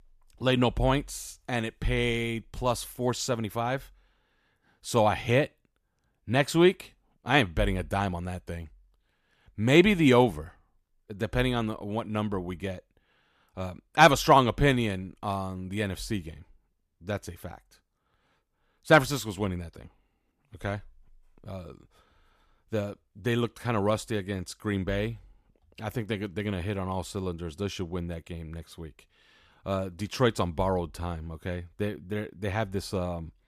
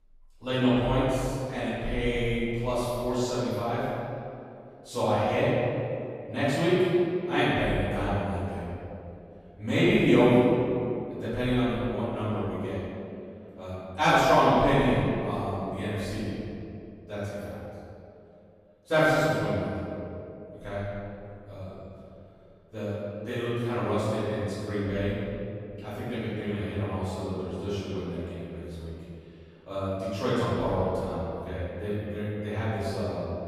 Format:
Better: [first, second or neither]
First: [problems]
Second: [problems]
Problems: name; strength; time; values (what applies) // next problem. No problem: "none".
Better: first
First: none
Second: off-mic speech; far // room echo; strong; dies away in 2.5 s